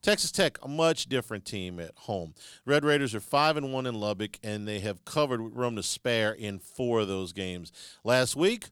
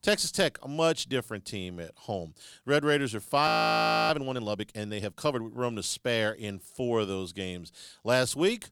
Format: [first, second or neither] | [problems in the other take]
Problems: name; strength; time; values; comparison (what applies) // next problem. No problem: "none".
first | audio freezing; at 3.5 s for 0.5 s